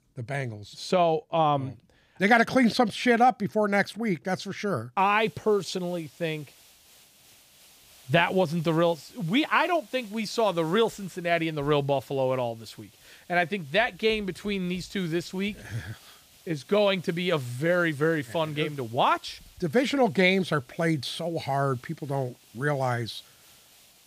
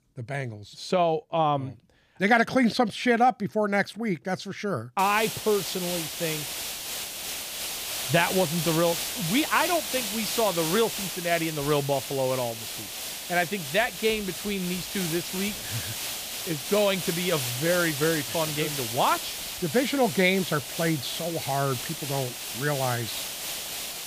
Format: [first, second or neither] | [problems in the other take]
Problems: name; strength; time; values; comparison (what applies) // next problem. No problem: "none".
first | hiss; loud; from 5 s on; 4 dB below the speech; faint in the first